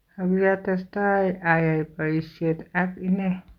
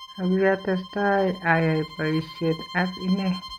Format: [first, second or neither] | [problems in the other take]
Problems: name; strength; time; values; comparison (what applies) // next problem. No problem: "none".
first | background sound (Bowed string instrument); 16 dB below the speech